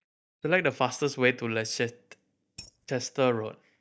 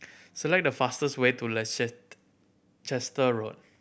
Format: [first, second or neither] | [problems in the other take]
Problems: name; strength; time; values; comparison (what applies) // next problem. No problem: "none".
second | noise reduction (neural mask model DeepFilterNet 3)